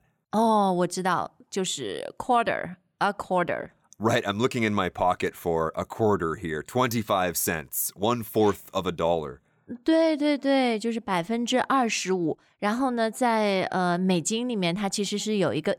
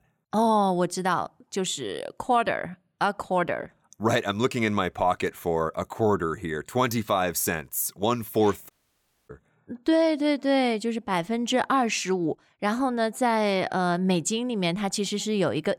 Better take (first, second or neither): first